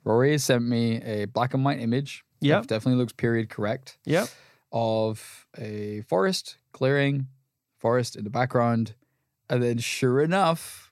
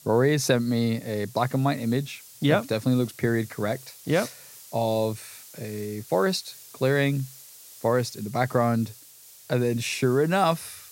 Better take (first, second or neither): first